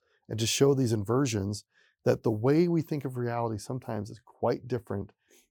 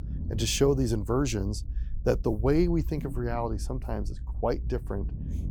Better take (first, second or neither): first